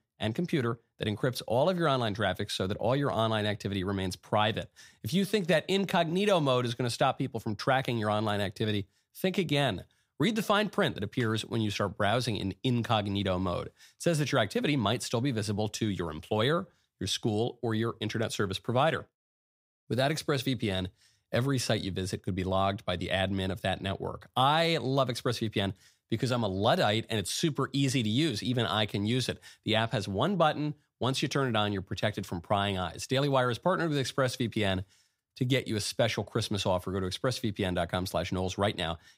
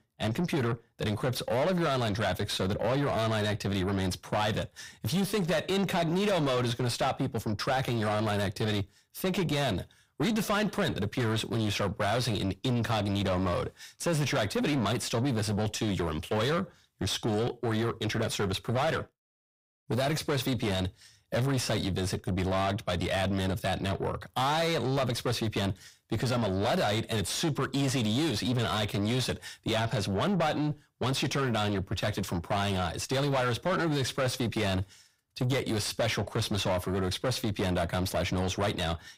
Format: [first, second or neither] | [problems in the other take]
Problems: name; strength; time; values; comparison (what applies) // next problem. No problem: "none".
first | distortion; heavy; 6 dB below the speech